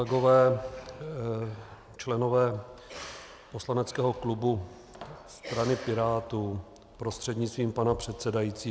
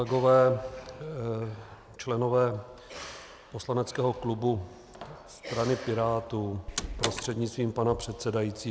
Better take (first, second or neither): first